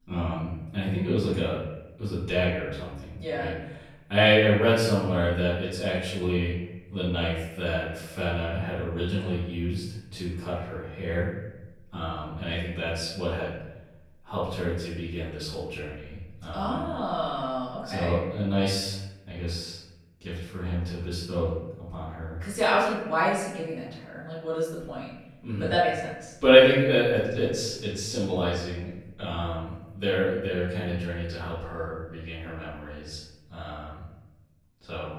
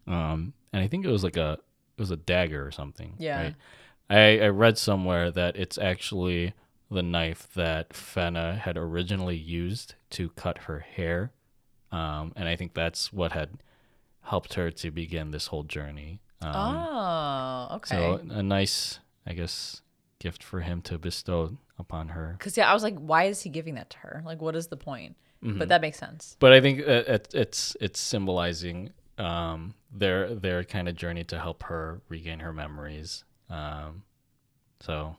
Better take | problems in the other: second | off-mic speech; far // room echo; noticeable; dies away in 0.8 s

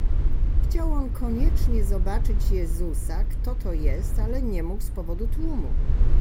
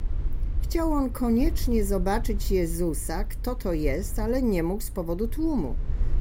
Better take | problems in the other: second | low rumble; loud; throughout; 8 dB below the speech; faint in the second

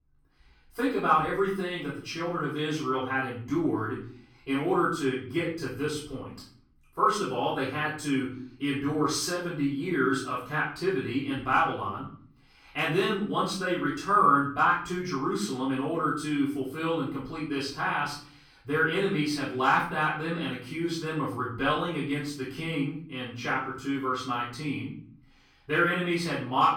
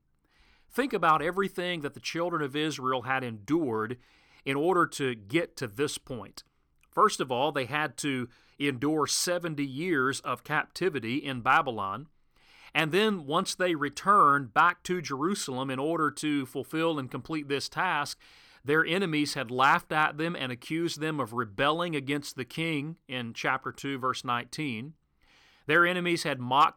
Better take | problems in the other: second | off-mic speech; far // room echo; noticeable; dies away in 0.5 s

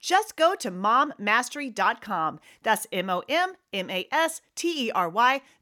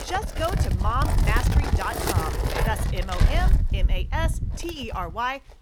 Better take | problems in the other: first | wind noise on the microphone; heavy; 3 dB below the speech

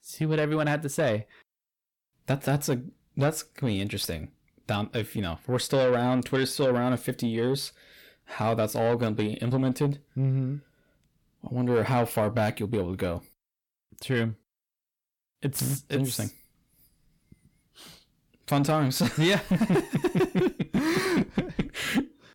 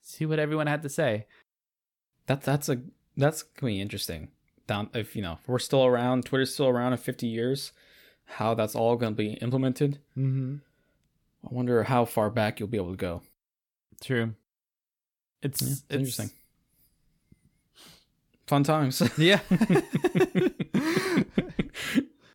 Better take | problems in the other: second | distortion; slight; 10 dB below the speech

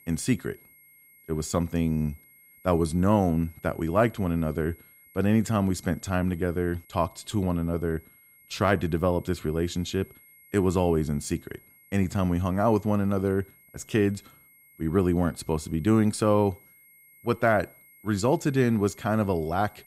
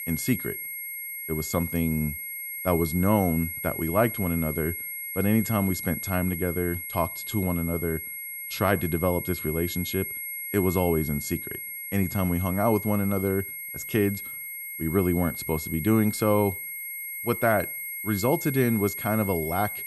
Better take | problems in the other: first | high-pitched whine; loud; throughout; 2 kHz, 6 dB below the speech; faint in the first

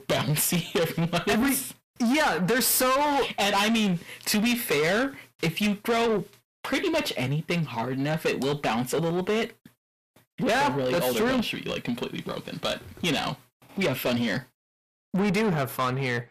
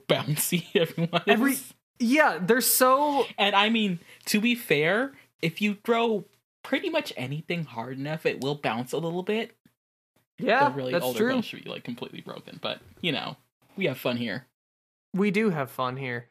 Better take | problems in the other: second | distortion; heavy; 6 dB below the speech

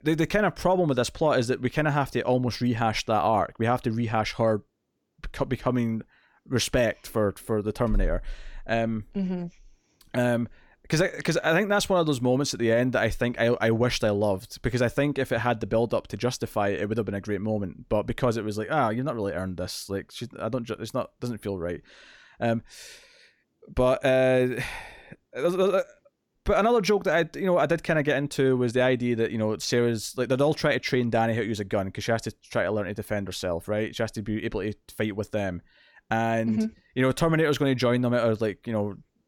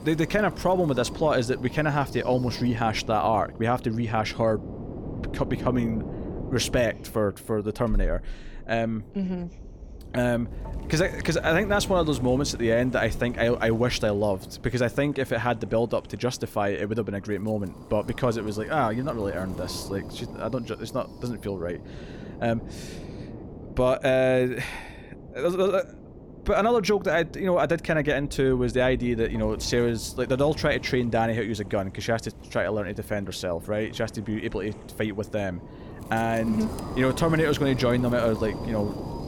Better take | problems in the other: first | wind noise on the microphone; occasional gusts; 15 dB below the speech

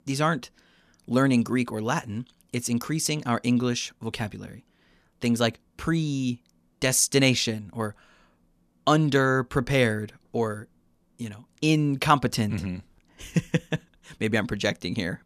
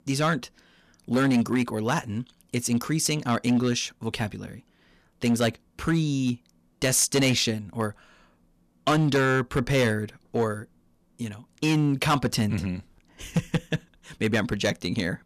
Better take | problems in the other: first | distortion; slight; 5% of the sound clipped

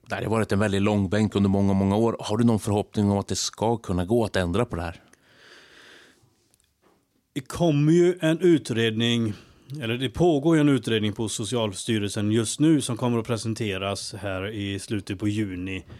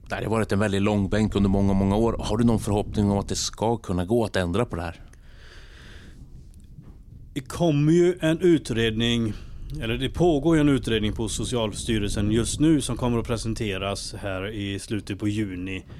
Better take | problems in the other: first | wind noise on the microphone; occasional gusts; 25 dB below the speech

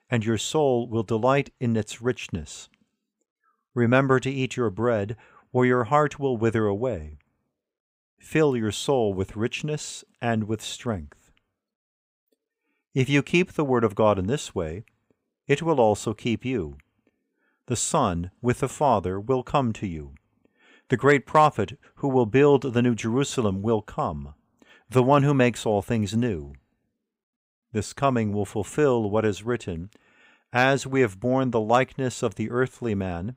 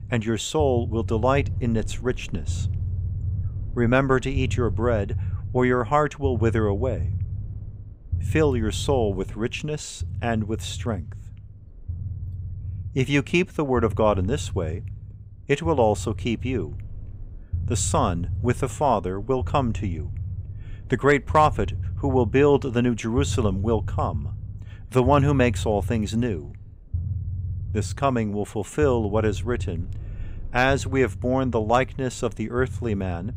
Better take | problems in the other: first | low rumble; faint; throughout; 20 dB below the speech

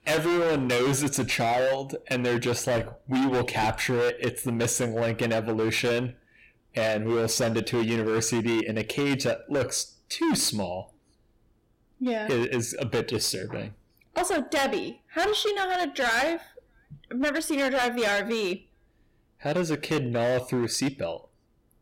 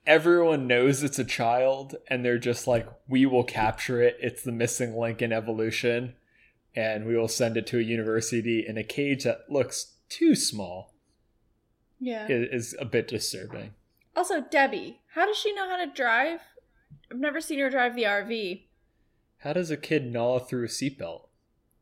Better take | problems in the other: second | distortion; heavy; 18% of the sound clipped

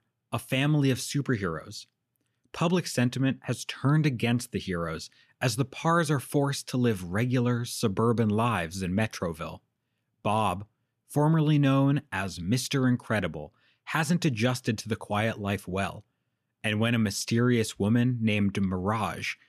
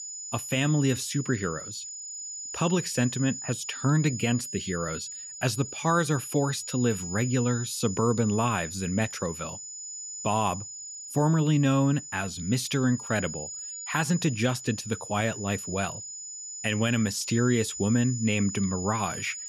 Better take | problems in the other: first | high-pitched whine; loud; throughout; 7 kHz, 9 dB below the speech

